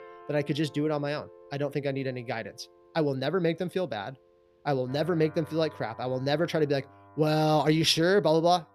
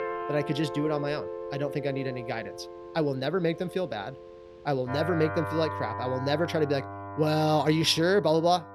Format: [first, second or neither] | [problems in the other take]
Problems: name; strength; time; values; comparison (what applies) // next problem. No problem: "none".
first | background music; loud; throughout; 10 dB below the speech; faint in the first